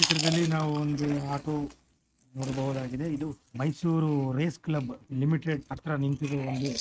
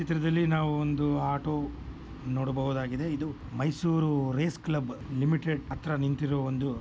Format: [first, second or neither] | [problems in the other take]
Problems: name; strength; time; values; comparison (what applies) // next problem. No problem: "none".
second | noise reduction (neural mask model RNNoise)